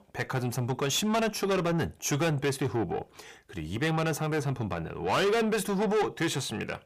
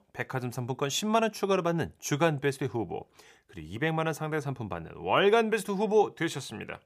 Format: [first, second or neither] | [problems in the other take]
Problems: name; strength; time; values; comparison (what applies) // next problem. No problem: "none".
second | distortion; heavy; 6 dB below the speech